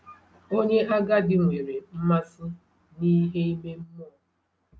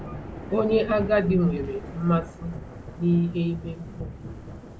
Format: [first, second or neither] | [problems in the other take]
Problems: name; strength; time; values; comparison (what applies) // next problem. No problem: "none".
first | background sound (Thunder / Rain); 11 dB below the speech